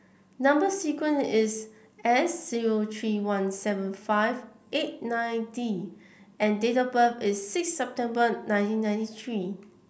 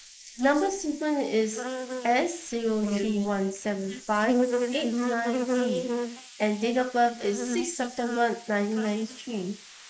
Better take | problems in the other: first | noise reduction (neural mask model Resemble Enhance denoiser)

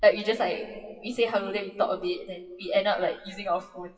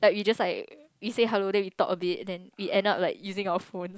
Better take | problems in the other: second | noise reduction (classical method WPE with log-MMSE)

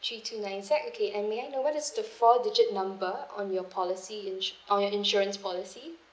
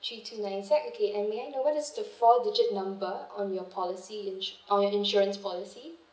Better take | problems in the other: first | room echo; dies away in 0.4 s

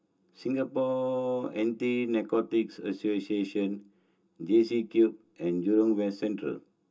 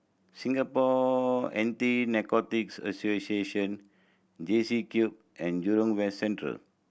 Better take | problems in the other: second | room echo; dies away in 0.2 s

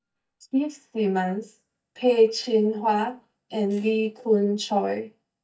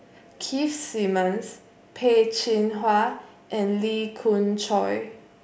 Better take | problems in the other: second | noise reduction (neural mask model DeepFilterNet 3)

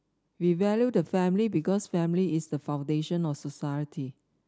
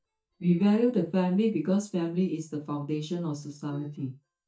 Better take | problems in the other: first | noise reduction (neural mask model DeepFilterNet 3)

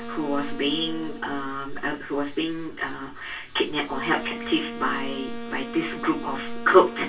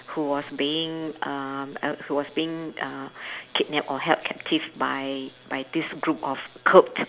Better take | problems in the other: second | background sound (Wind instrument, woodwind instrument); 12 dB below the speech // room echo; dies away in 0.1 s

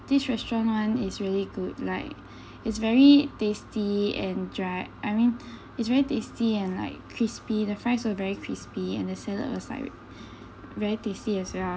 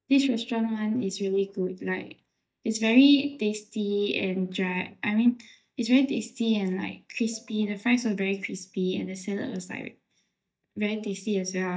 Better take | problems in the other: first | noise reduction (neural mask model DeepFilterNet 3)

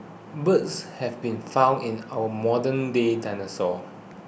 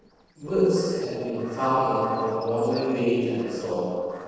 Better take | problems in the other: first | noise reduction (neural separator model SepFormer DNS4)

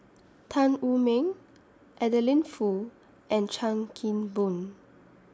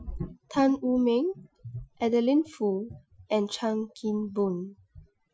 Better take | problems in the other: first | noise reduction (classical method Wiener filter)

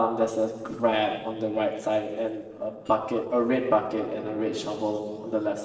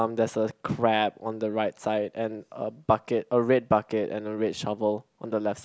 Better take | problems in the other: second | noise reduction (neural separator model SepFormer DNS4)

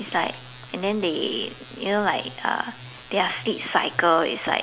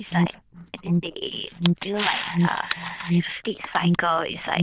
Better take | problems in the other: first | noise reduction (neural diffusion model UNIVERSE++)

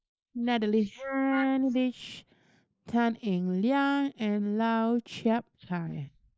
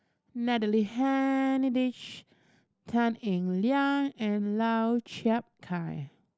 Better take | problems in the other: second | noise reduction (neural mask model Resemble Enhance denoiser)

